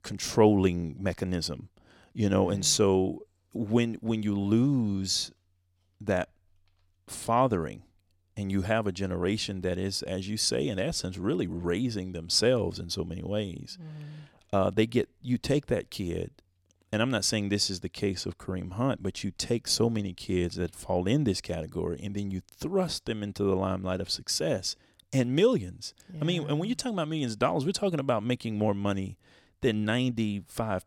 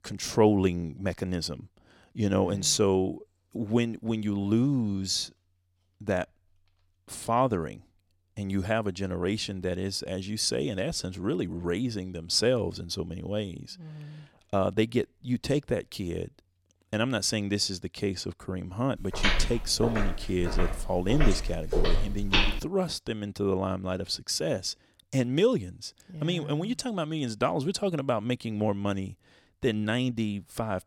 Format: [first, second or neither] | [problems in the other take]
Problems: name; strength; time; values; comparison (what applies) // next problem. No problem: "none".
first | footsteps; loud; from 19 to 23 s; peak 4 dB above the speech